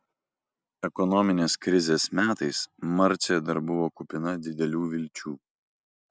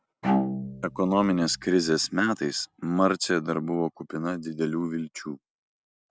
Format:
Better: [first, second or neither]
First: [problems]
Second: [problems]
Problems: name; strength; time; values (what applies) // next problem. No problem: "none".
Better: first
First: none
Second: background sound (Bowed string instrument); 6 dB below the speech